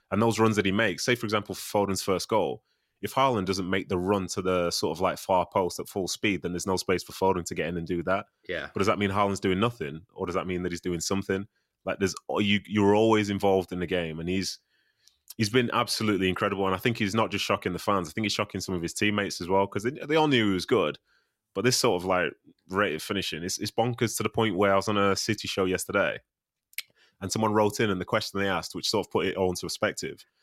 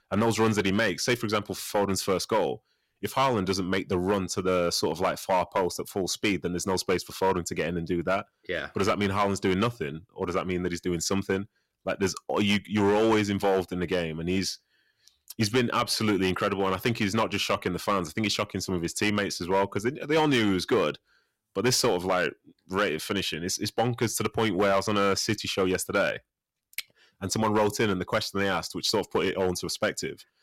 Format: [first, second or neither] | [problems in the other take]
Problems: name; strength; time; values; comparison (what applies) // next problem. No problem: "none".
first | distortion; slight; 4% of the sound clipped